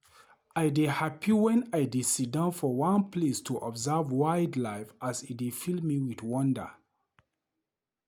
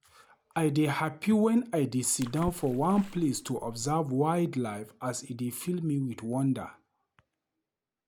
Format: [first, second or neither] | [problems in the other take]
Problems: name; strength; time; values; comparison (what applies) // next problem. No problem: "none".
first | background sound (Water / Splash, splatter); 15 dB below the speech